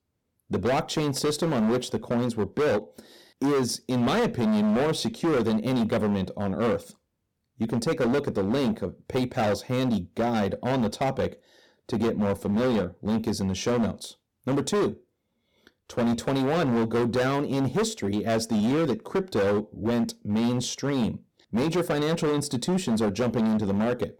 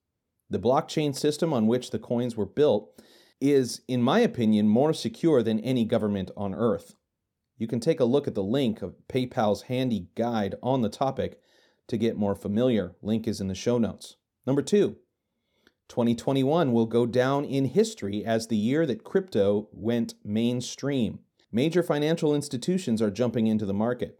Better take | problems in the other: second | distortion; heavy; 20% of the sound clipped

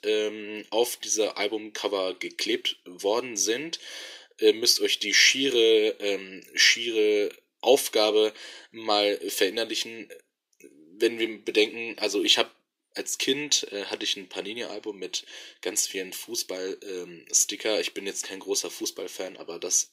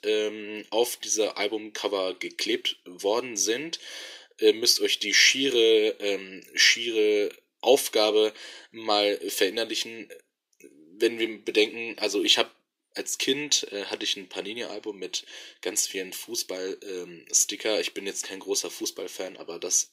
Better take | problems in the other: neither | thin; somewhat; fading below 350 Hz; the same in both

